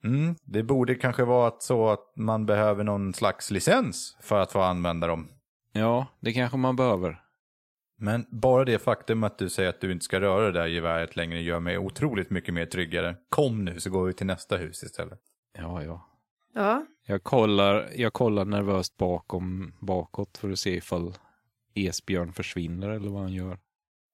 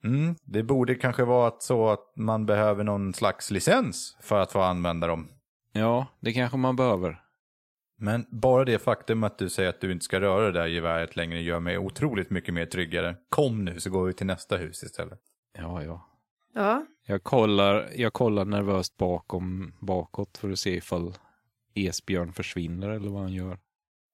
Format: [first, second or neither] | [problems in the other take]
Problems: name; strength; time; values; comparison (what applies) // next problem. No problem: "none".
neither | none